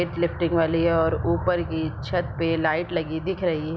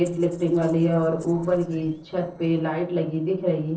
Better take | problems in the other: first | noise reduction (neural separator model SepFormer DNS4)

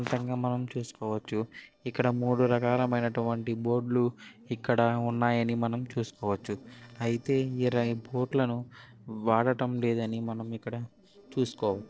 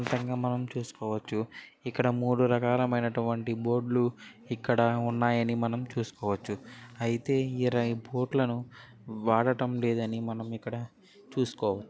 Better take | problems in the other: second | noise reduction (neural separator model SepFormer DNS4)

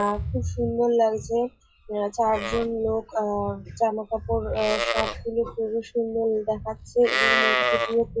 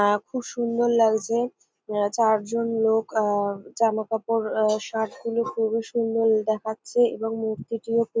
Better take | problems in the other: second | noise reduction (classical method WPE with log-MMSE)

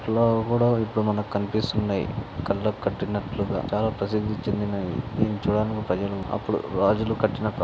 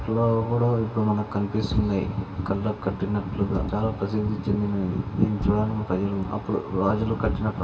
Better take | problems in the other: first | background sound (Thump, thud); 14 dB below the speech // room echo; dies away in 2 s

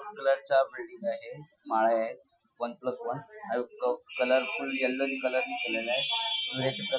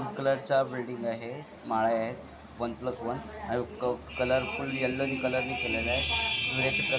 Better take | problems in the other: second | noise reduction (classical method Wiener filter)

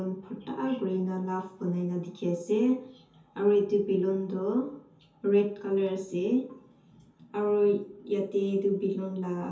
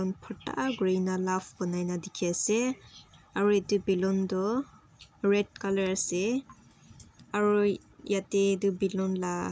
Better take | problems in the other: second | room echo; dies away in 0.5 s

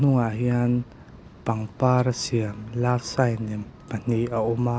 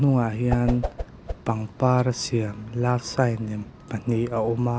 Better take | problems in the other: first | background sound (Whoosh, swoosh, swish); 7 dB below the speech

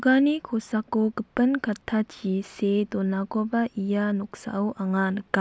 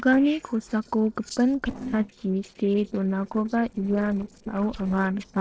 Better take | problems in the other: first | noise reduction (neural separator model SepFormer DNS4)

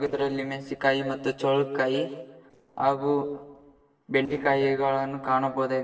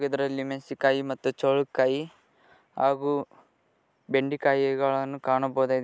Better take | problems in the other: second | noise reduction (neural separator model SepFormer DNS4)

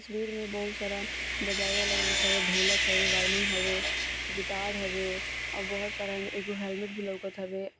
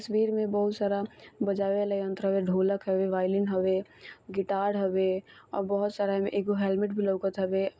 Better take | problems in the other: second | background sound (Sawing); 4 dB above the speech

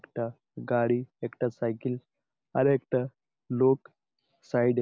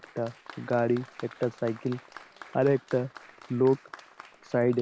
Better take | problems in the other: first | background sound (Applause); 19 dB below the speech

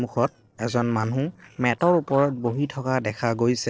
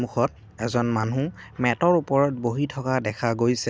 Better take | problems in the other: second | noise reduction (neural separator model SepFormer DNS4)

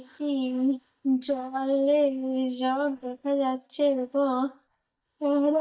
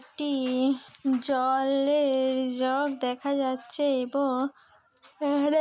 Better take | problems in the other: second | noise reduction (neural mask model DeepFilterNet 3)

